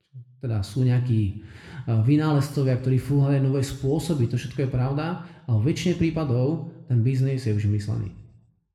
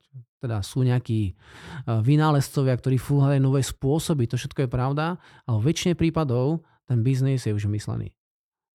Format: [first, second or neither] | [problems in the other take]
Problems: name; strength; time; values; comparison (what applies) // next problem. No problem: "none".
second | room echo; very slight; dies away in 0.7 s